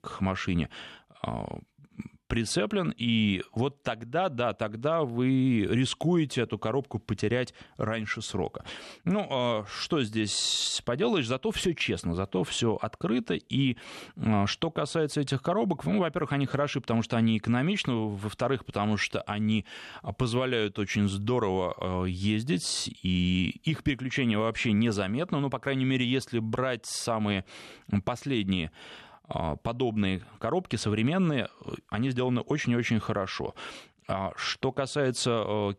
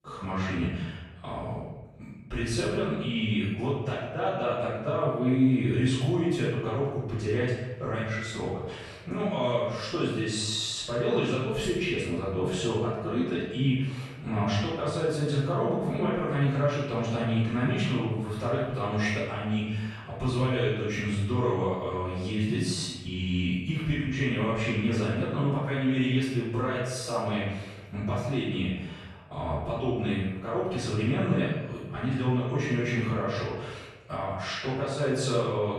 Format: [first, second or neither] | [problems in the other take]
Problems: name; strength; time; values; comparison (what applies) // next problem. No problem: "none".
first | off-mic speech; far // room echo; strong; dies away in 1 s